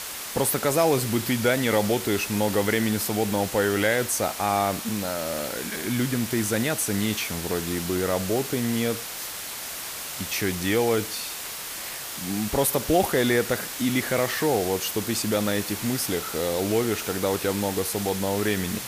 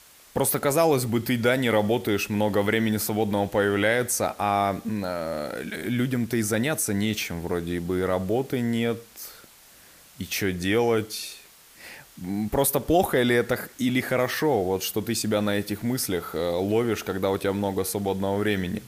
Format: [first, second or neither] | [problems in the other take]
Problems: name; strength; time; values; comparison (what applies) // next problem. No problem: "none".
second | hiss; loud; throughout; 6 dB below the speech; faint in the second